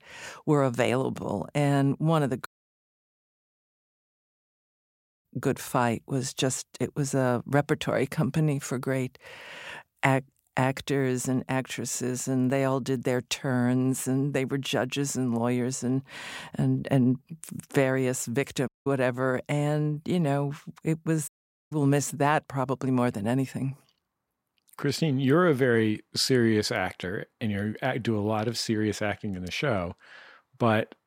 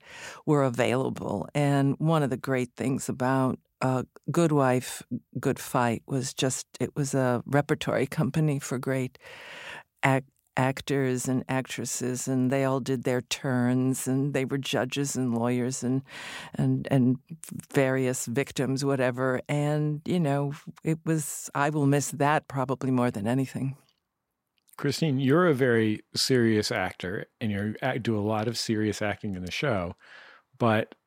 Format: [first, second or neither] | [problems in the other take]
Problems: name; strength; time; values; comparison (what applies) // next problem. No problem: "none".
second | audio cutting out; at 2.5 s for 3 s, at 19 s and at 21 s